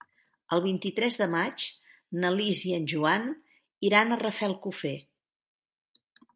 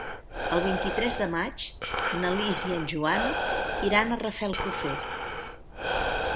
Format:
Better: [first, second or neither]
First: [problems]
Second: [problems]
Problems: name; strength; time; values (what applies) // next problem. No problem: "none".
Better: first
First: none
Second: background sound (Breathing); 1 dB below the speech